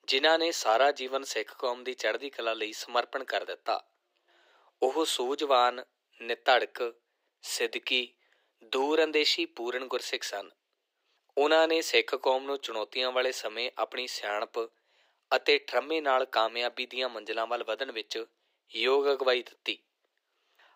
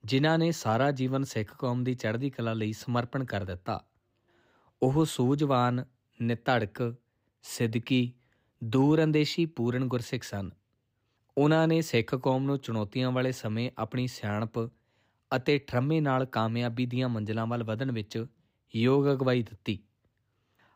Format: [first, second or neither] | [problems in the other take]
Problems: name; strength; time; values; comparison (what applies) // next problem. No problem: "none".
second | thin; very; fading below 350 Hz